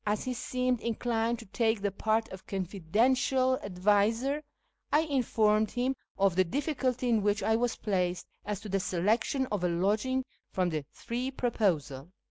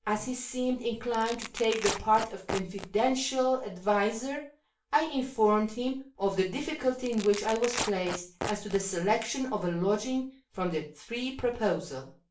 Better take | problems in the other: first | background sound (Tearing); 10 dB below the speech // room echo; dies away in 0.3 s

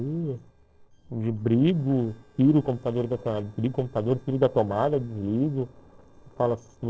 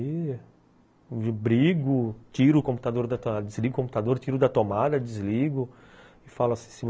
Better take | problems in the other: second | noise reduction (neural separator model SepFormer DNS4)

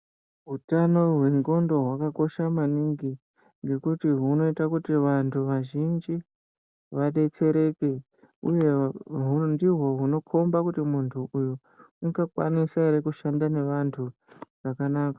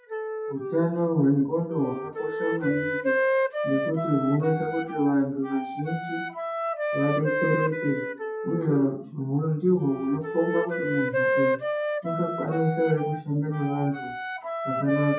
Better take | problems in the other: first | noise reduction (classical method WPE with log-MMSE)

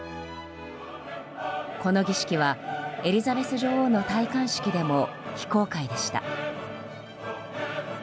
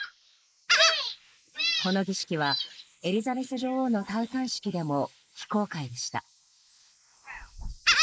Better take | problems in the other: first | noise reduction (neural mask model Resemble Enhance denoiser)

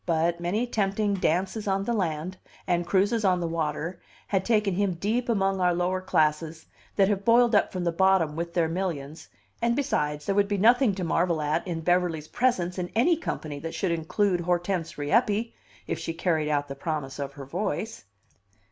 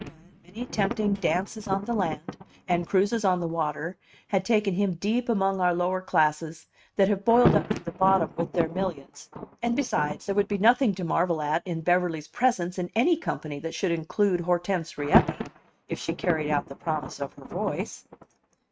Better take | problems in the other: first | noise reduction (neural mask model RNNoise)

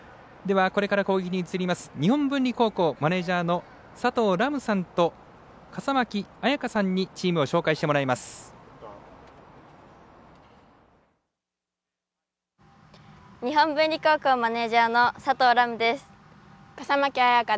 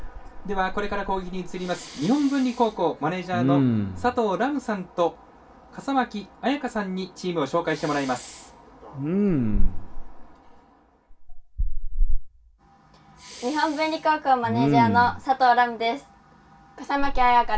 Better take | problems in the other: first | background sound (Respiratory sounds); 1 dB below the speech // room echo; dies away in 0.2 s

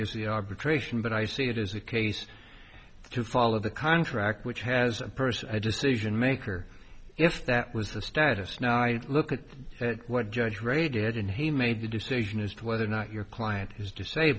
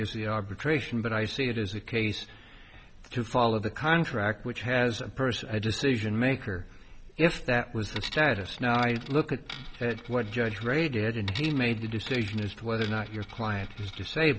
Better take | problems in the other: first | background sound (Coin (dropping)); 16 dB below the speech

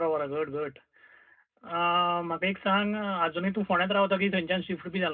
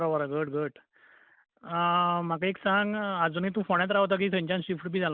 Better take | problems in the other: second | room echo; dies away in 0.2 s

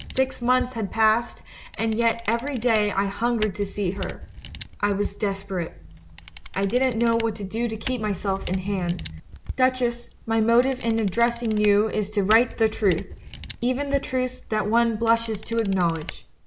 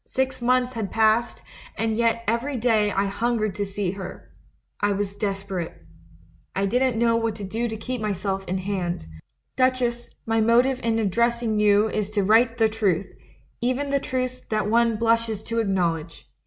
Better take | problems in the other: second | background sound (Camera); 14 dB below the speech

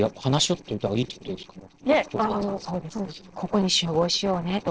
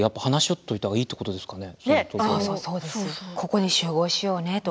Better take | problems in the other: second | noise reduction (neural separator model SepFormer DNS4)

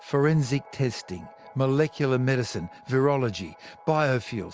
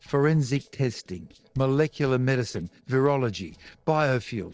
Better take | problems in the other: first | noise reduction (neural separator model SepFormer DNS4)

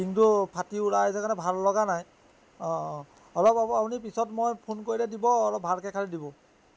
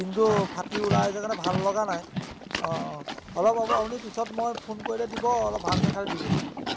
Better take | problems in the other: first | background sound (Livestock, farm animals, working animals); 3 dB below the speech

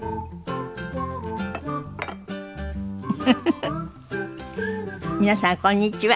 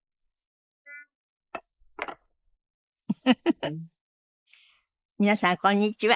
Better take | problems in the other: first | noise reduction (neural mask model Resemble Enhance denoiser)

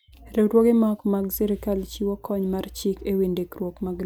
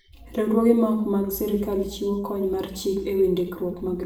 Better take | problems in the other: first | room echo; dies away in 0.6 s

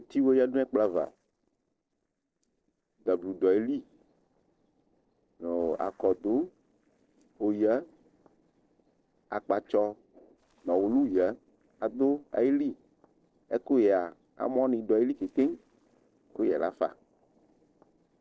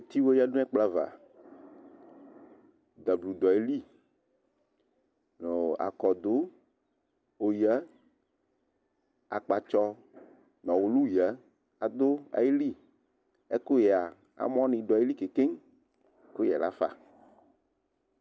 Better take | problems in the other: second | noise reduction (neural separator model SepFormer DNS4)

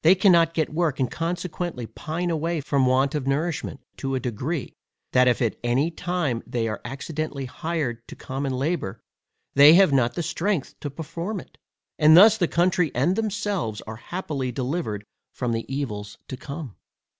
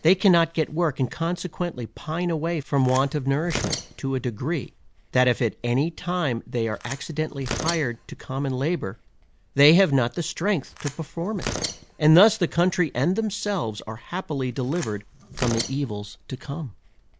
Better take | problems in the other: first | background sound (Tearing); 14 dB below the speech

